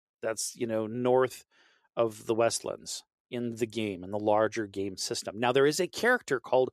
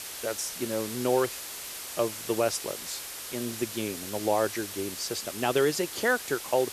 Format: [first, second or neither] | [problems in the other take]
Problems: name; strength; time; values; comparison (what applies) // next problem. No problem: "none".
first | hiss; loud; throughout; 7 dB below the speech